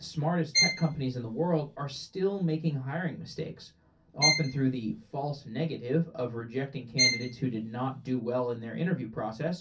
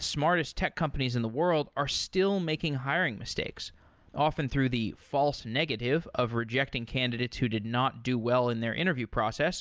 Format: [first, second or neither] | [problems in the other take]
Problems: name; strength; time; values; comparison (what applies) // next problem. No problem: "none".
second | background sound (Bowed string instrument); as loud as the speech // room echo; dies away in 0.3 s